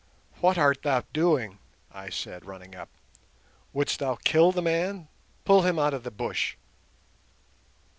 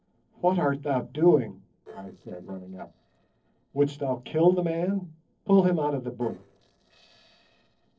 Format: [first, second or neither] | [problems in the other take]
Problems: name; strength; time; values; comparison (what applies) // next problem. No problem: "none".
first | noise reduction (neural separator model SepFormer DNS4)